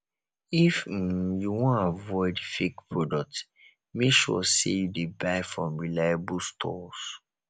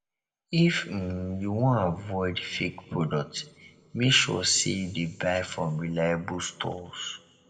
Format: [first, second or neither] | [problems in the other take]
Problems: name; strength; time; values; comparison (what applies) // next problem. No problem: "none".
first | room echo; dies away in 1 s